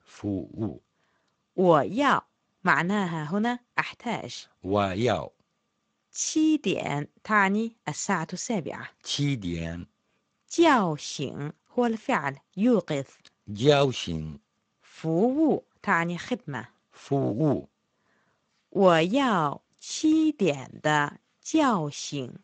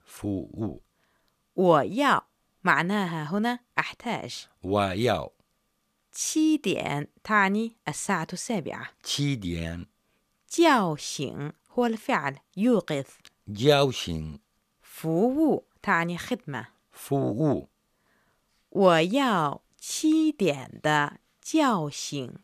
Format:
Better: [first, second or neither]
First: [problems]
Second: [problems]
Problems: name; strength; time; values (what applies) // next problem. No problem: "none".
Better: second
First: garbled, watery; slightly; nothing above 7.5 kHz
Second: none